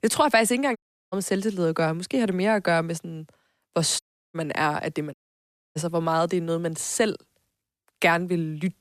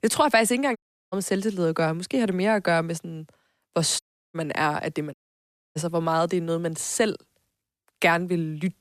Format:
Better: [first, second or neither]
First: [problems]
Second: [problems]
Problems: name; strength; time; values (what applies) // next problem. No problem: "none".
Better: neither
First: audio cutting out; at 1 s, at 4 s and at 5 s for 0.5 s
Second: audio cutting out; at 1 s, at 4 s and at 5 s for 0.5 s